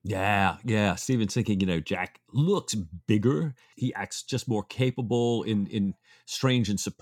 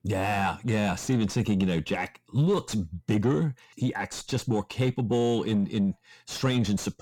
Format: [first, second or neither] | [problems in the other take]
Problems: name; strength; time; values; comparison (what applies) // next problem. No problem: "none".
first | distortion; slight; 10 dB below the speech